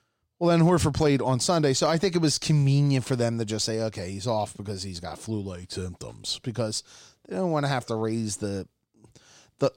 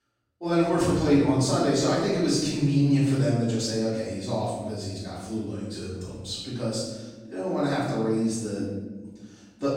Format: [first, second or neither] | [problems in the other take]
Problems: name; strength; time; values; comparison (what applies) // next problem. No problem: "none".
first | off-mic speech; far // room echo; noticeable; dies away in 1.2 s